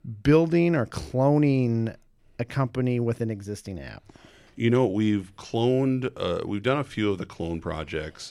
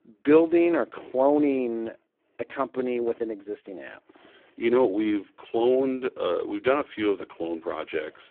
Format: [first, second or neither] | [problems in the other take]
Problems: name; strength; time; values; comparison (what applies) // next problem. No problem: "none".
first | phone-call audio; poor line